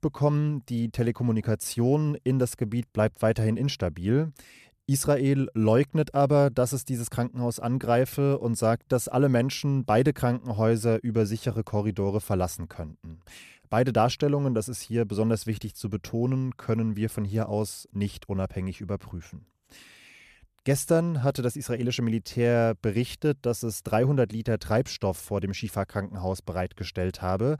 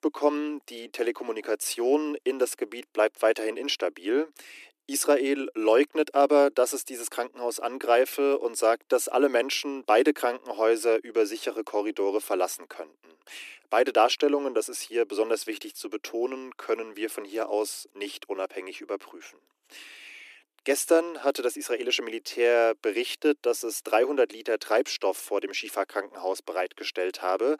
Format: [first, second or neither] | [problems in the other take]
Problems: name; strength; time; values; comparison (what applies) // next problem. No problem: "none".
first | thin; somewhat; fading below 300 Hz